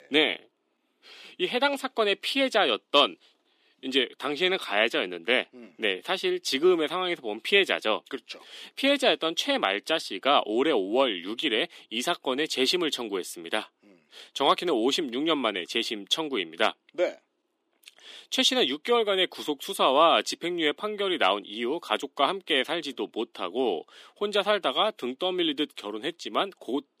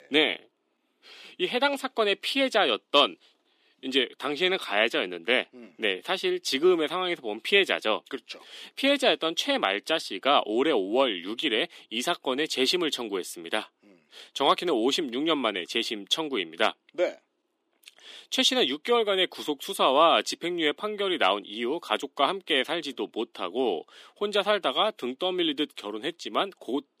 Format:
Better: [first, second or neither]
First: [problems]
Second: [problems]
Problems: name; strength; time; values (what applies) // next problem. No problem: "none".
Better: neither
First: thin; very slightly; fading below 250 Hz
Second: thin; very slightly; fading below 250 Hz